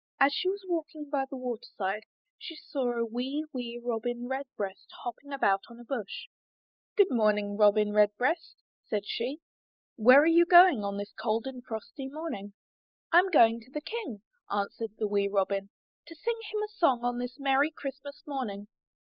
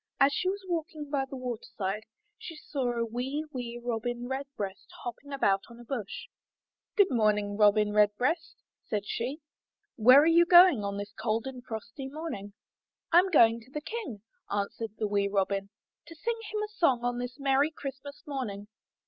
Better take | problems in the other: second | noise reduction (neural mask model Resemble Enhance denoiser)

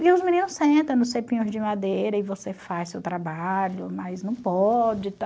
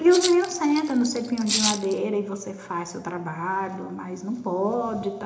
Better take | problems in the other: first | background sound (Rattle (instrument)); 6 dB below the speech // room echo; dies away in 0.8 s

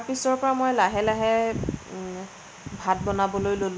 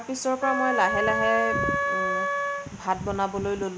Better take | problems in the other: first | background sound (Wind instrument, woodwind instrument); 1 dB above the speech

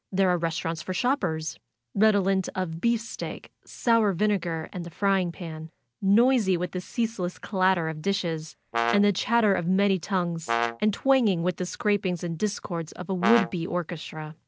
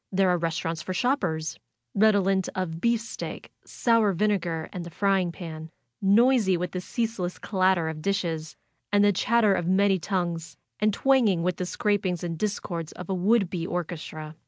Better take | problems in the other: second | background sound (Brass instrument); 6 dB below the speech

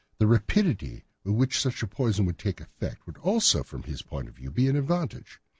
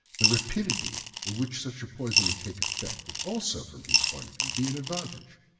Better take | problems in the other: first | background sound (Coin (dropping) / Glass); 4 dB above the speech // room echo; dies away in 0.9 s

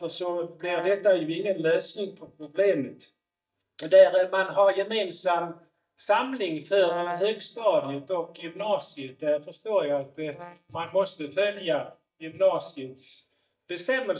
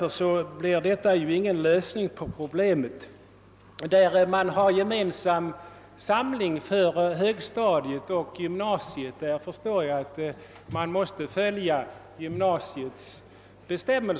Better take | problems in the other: second | noise reduction (neural mask model DeepFilterNet 3)

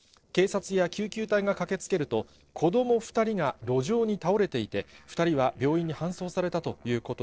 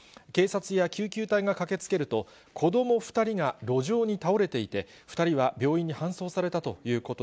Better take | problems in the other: second | noise reduction (neural separator model SepFormer DNS4)

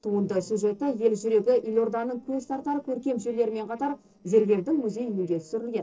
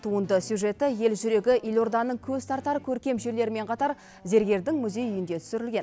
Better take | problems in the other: second | noise reduction (neural separator model SepFormer DNS4)

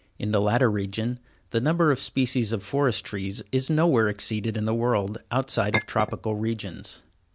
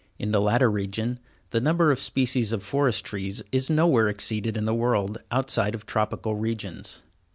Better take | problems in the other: second | background sound (Chink, clink); 7 dB below the speech

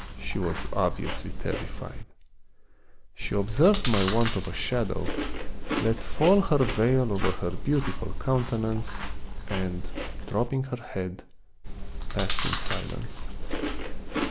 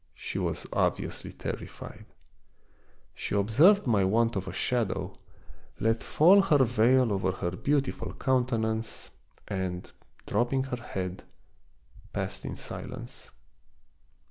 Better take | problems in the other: second | background sound (Chewing, mastication); 1 dB below the speech

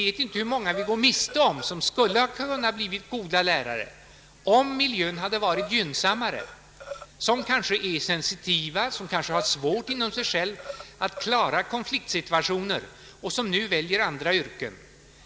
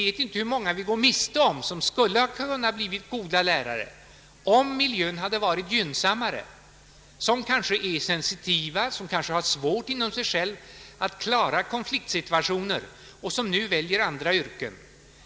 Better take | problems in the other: second | background sound (Breathing); 15 dB below the speech

